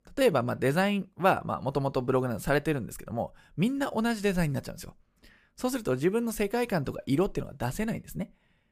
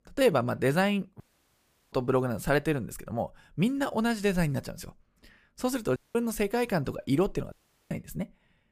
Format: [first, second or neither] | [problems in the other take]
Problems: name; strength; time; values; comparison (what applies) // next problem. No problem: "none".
first | audio cutting out; at 1 s for 0.5 s, at 6 s and at 7.5 s